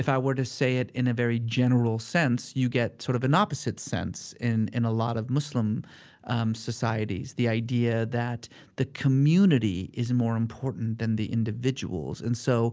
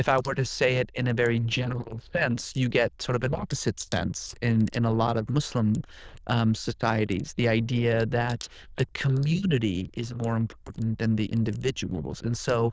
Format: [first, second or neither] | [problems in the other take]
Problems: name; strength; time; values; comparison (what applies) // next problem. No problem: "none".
first | noise reduction (neural diffusion model UNIVERSE++)